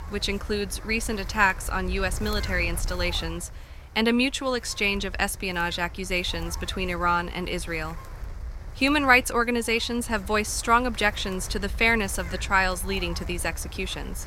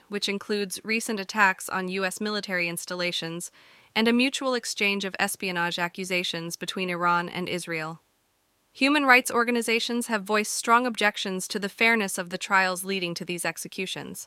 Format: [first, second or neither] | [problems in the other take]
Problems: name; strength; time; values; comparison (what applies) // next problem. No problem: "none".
second | wind noise on the microphone; occasional gusts; 20 dB below the speech